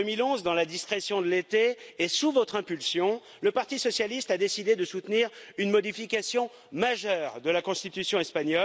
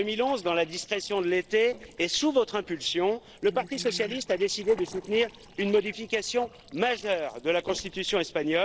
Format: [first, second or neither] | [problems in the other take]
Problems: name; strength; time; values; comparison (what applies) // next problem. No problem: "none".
first | noise reduction (neural separator model SepFormer DNS4)